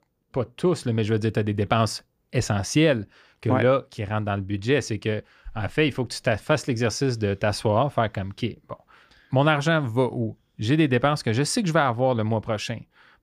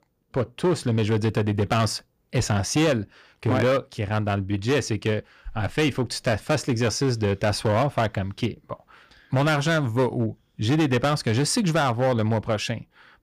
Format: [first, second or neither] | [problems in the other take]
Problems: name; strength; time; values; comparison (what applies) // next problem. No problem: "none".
first | distortion; slight; 10% of the sound clipped